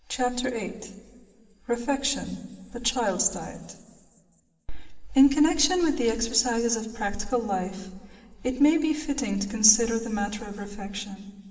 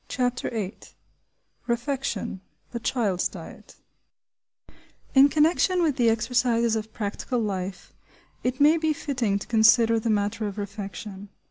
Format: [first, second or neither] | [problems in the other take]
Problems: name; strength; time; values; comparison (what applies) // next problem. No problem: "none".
second | room echo; dies away in 2.1 s